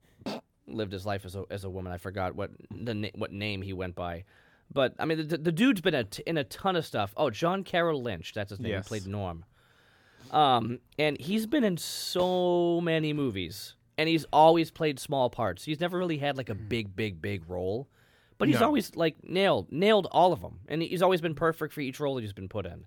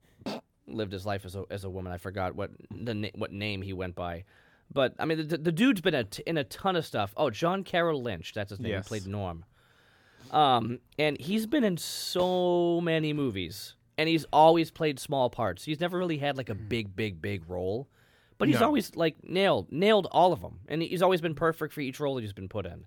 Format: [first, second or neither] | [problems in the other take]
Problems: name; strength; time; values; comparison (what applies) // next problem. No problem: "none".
neither | none